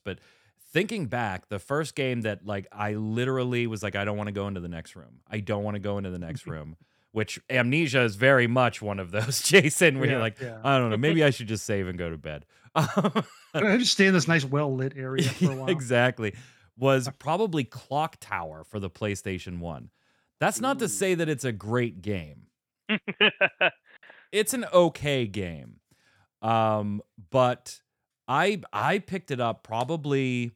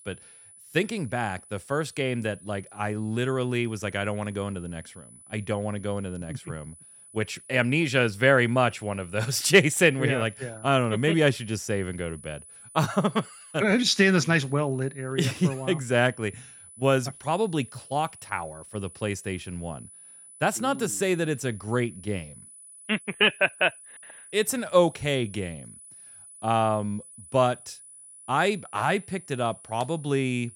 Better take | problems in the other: first | high-pitched whine; noticeable; throughout; 10 kHz, 20 dB below the speech

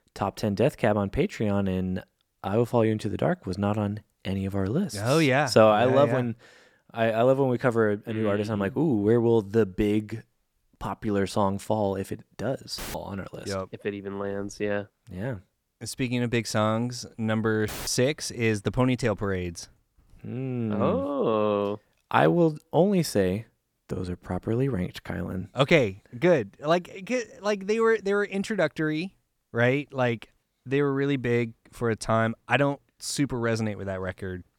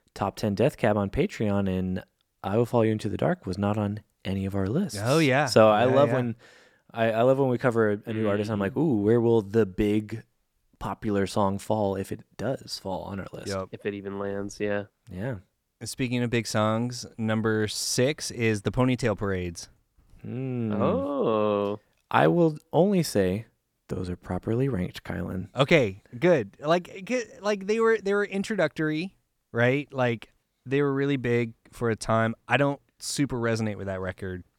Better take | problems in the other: second | audio cutting out; filled with static; at 13 s and at 18 s

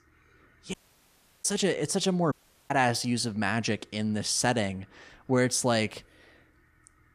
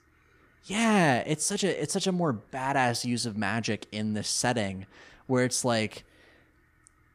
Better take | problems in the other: second | audio cutting out; at 0.5 s for 0.5 s and at 2.5 s

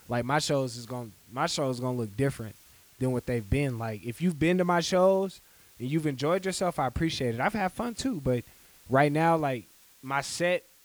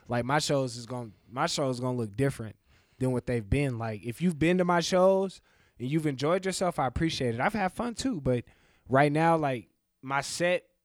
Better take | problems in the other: second | hiss; faint; throughout; 25 dB below the speech

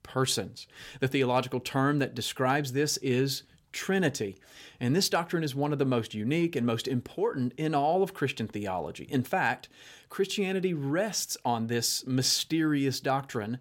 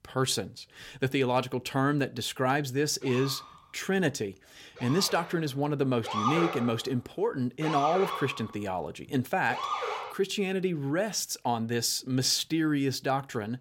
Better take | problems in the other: first | siren; loud; from 3 to 10 s; peak level with the speech

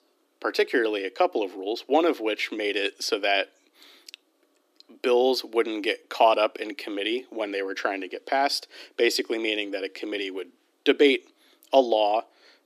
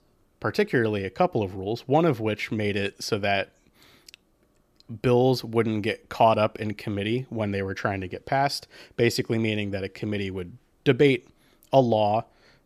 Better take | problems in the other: second | thin; somewhat; fading below 300 Hz

